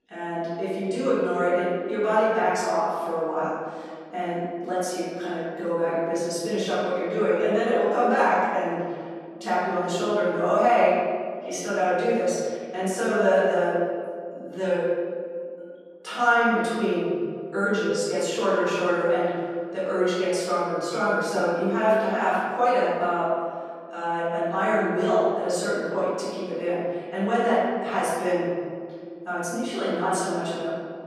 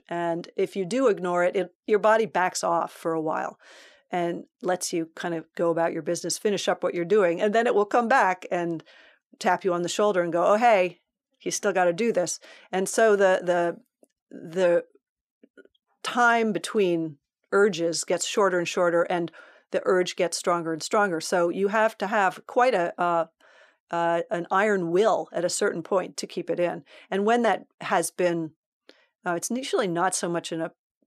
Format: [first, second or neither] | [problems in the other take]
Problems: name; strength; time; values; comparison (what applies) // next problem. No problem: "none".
second | off-mic speech; far // room echo; strong; dies away in 1.9 s